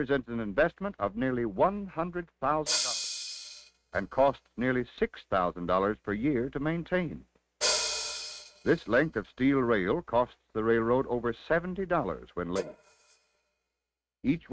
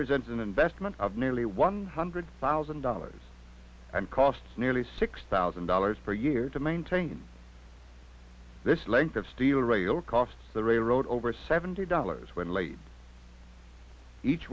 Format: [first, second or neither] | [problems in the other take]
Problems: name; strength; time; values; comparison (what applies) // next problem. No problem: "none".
second | noise reduction (neural mask model RNNoise)